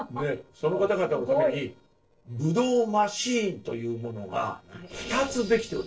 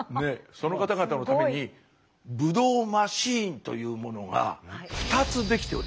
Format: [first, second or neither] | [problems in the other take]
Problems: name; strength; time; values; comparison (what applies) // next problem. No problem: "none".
second | noise reduction (neural separator model SepFormer DNS4)